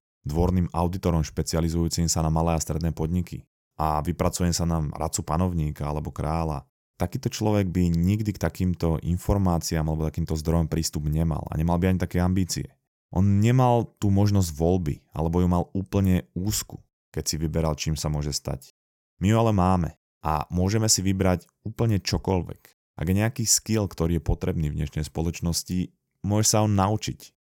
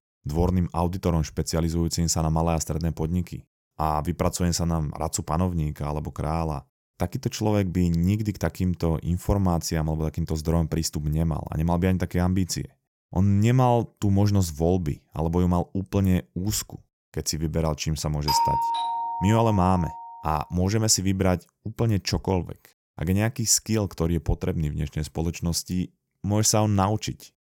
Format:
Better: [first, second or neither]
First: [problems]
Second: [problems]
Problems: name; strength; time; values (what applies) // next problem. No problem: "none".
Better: first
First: none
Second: doorbell; loud; from 18 to 20 s; peak 2 dB above the speech